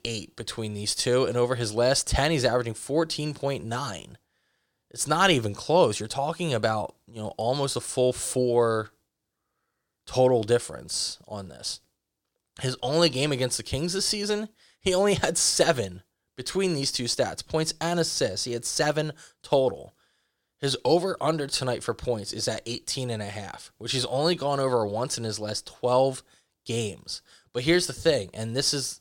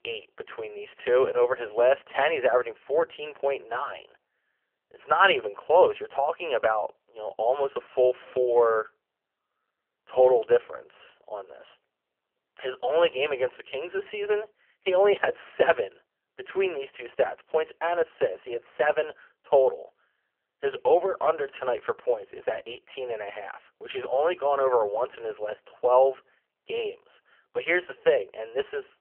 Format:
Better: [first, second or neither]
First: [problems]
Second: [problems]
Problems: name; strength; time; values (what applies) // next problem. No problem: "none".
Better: first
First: none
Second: phone-call audio; poor line; nothing above 3 kHz